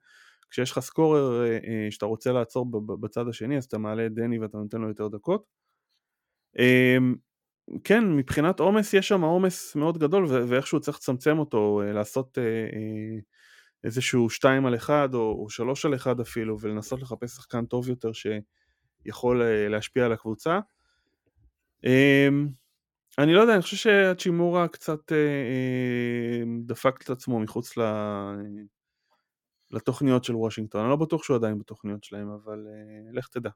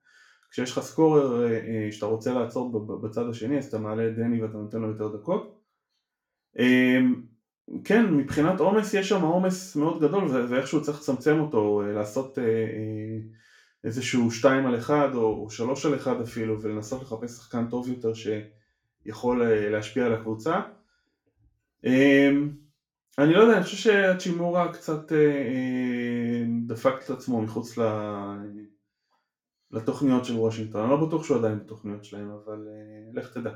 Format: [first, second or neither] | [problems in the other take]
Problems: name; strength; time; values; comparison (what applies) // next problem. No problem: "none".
first | room echo; slight; dies away in 0.3 s // off-mic speech; far